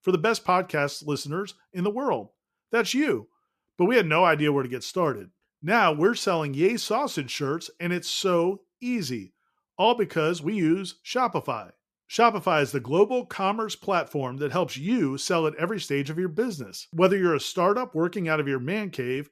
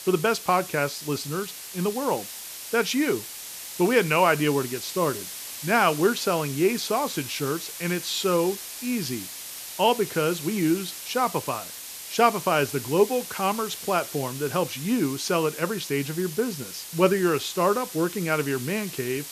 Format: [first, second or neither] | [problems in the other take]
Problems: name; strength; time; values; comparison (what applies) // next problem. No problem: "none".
first | hiss; loud; throughout; 10 dB below the speech